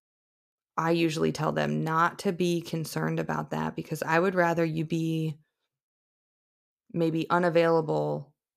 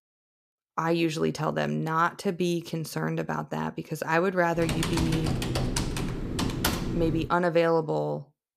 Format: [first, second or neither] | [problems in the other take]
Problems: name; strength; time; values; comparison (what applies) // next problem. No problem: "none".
first | keyboard typing; loud; from 4.5 to 7.5 s; peak level with the speech